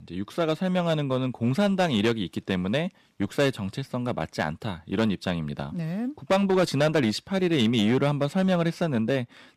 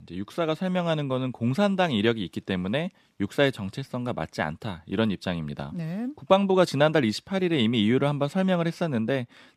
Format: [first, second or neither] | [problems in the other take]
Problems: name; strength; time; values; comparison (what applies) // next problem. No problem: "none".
second | distortion; slight; 6% of the sound clipped